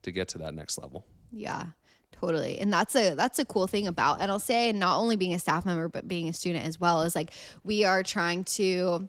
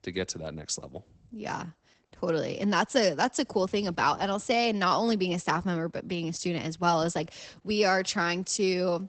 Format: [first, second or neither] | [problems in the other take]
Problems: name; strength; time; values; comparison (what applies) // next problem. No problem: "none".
first | garbled, watery; badly; nothing above 8 kHz; slightly in the first